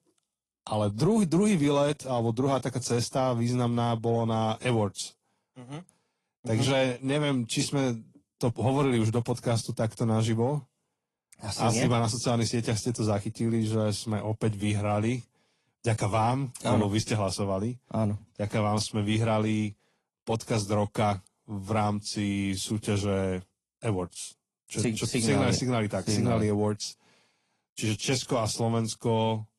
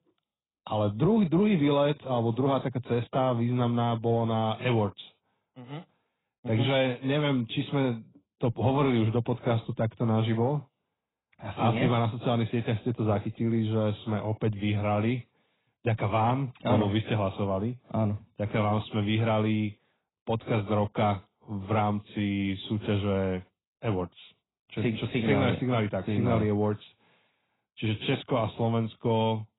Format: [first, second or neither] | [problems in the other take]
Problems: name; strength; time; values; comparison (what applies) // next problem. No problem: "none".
first | garbled, watery; badly; nothing above 4 kHz; slightly in the first